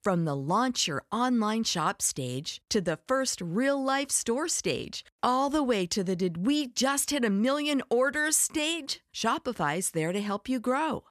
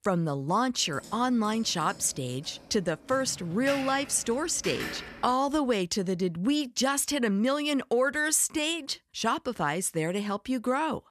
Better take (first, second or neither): first